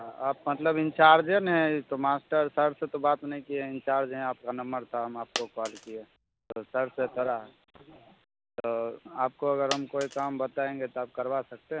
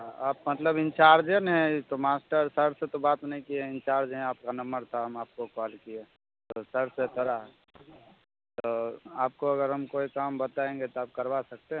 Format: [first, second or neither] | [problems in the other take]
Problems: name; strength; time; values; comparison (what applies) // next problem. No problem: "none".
second | background sound (Coin (dropping)); 13 dB below the speech